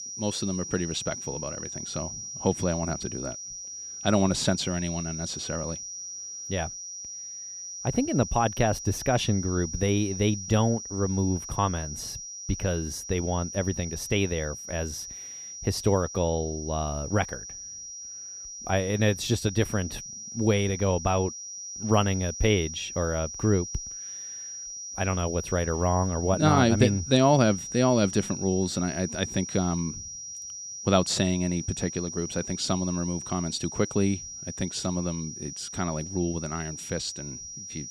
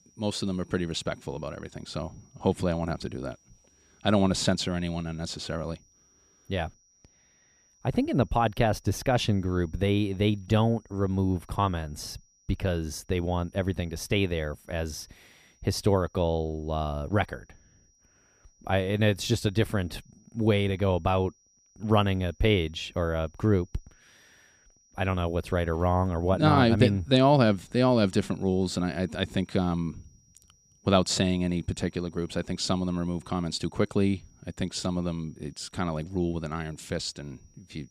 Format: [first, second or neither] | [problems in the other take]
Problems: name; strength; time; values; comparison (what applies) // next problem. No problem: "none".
second | high-pitched whine; loud; throughout; 6 kHz, 8 dB below the speech; faint in the second